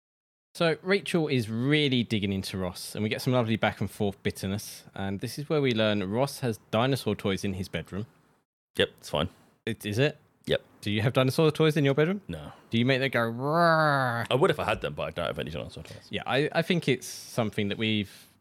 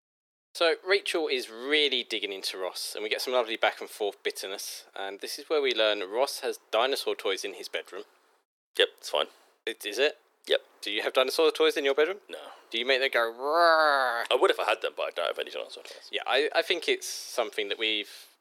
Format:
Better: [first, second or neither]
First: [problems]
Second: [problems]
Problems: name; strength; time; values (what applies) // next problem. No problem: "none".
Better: first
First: none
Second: thin; very; fading below 350 Hz